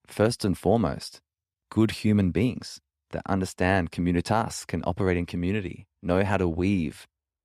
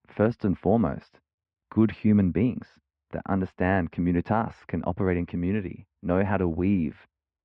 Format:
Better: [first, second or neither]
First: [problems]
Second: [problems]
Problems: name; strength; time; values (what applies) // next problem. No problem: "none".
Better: first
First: none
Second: muffled; very; fading above 2 kHz